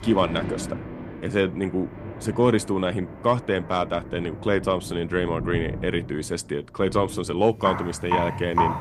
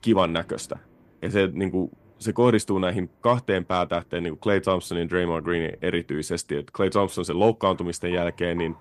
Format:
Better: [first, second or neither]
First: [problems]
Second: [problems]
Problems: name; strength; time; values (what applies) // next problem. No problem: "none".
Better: second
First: rain or running water; loud; throughout; 8 dB below the speech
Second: rain or running water; faint; throughout; 30 dB below the speech